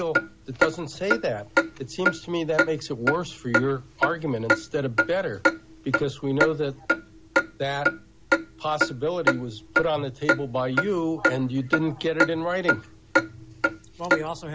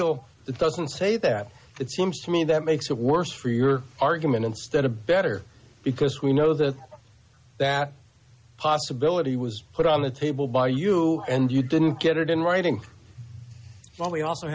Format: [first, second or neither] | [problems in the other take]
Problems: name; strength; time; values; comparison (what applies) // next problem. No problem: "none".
second | background sound (Clock); 1 dB above the speech